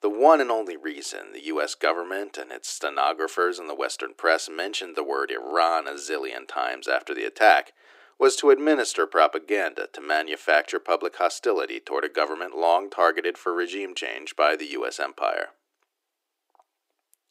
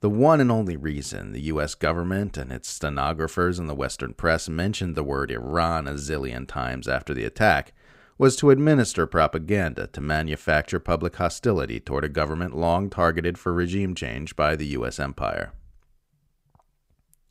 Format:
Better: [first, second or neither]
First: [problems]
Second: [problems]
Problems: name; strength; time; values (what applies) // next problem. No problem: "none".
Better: second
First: thin; very; fading below 300 Hz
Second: none